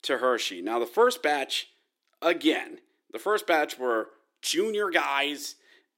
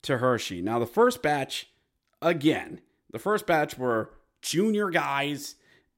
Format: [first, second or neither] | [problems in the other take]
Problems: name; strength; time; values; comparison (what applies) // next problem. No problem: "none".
second | thin; somewhat; fading below 350 Hz